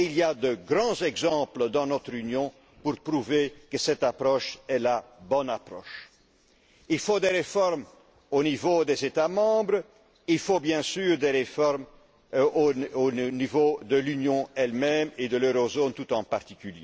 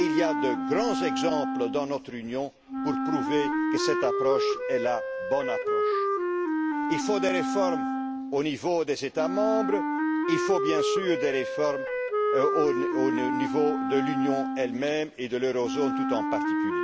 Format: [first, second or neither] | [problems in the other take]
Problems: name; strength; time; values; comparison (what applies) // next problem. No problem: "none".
first | background sound (Wind instrument, woodwind instrument); 1 dB above the speech